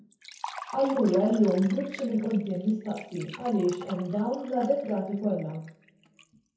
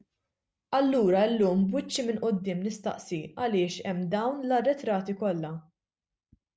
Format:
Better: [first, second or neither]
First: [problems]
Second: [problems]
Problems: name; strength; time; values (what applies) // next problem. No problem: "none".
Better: second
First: background sound (Liquid); 17 dB below the speech // room echo; dies away in 0.6 s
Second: none